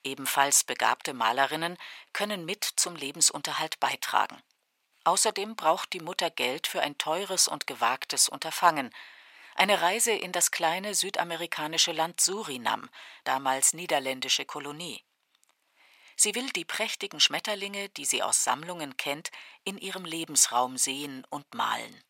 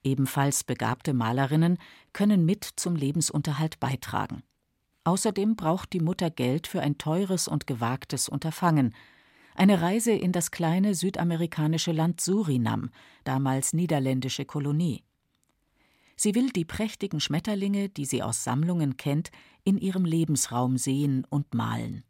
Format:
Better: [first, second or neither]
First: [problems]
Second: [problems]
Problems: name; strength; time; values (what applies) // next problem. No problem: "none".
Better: second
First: thin; very; fading below 750 Hz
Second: none